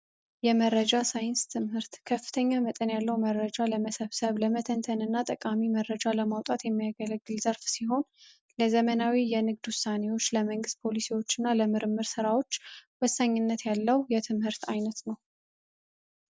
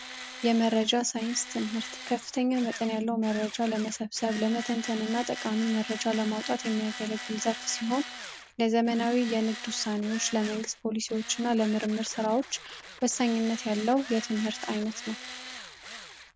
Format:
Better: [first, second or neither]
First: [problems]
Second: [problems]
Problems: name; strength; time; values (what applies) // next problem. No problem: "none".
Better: first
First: none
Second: background sound (Tools); 12 dB below the speech